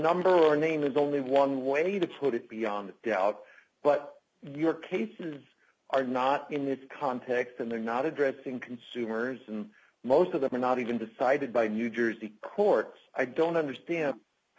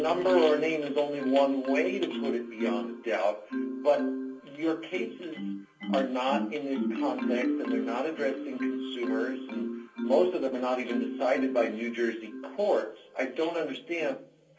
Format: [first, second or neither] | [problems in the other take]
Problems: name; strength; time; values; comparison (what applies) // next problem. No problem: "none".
first | background sound (Marimba, xylophone); 5 dB below the speech // room echo; dies away in 0.3 s